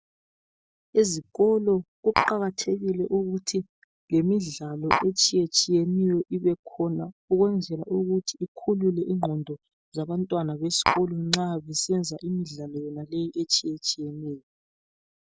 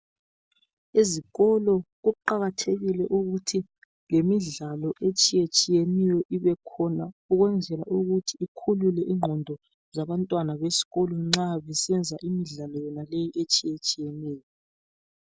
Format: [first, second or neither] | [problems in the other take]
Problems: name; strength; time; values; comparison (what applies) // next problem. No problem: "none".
second | noise reduction (neural mask model DeepFilterNet 3)